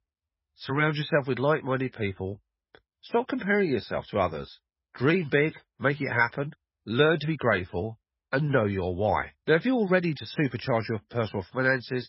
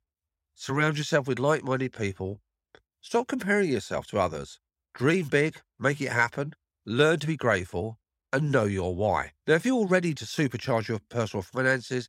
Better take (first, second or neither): second